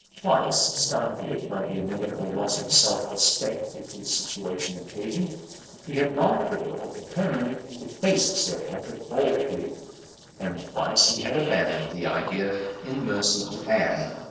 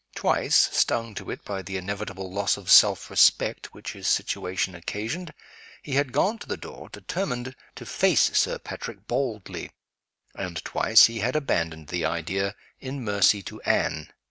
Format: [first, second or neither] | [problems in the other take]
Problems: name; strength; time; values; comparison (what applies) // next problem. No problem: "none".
second | noise reduction (neural separator model SepFormer DNS4)